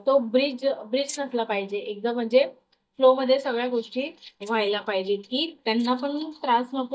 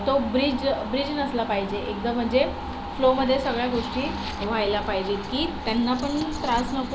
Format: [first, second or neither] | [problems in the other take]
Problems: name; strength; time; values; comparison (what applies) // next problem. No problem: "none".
second | noise reduction (neural mask model DeepFilterNet 3)